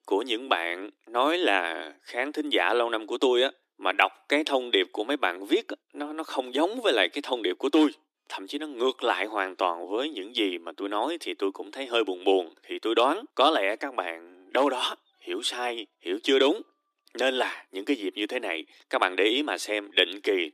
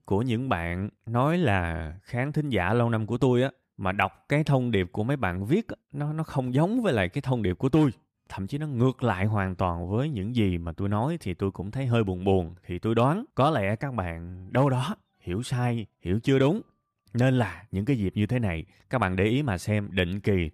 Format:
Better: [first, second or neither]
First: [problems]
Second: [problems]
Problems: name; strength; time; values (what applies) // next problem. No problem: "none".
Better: second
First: thin; somewhat; fading below 300 Hz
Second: none